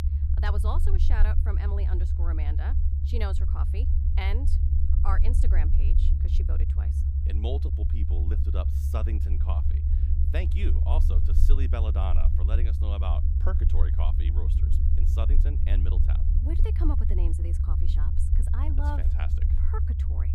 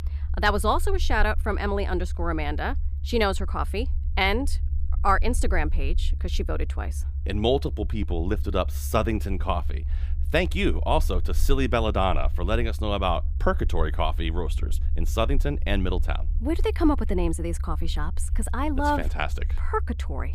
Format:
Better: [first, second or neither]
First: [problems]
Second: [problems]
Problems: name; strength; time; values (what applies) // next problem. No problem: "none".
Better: second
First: low rumble; loud; throughout; 3 dB below the speech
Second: low rumble; faint; throughout; 20 dB below the speech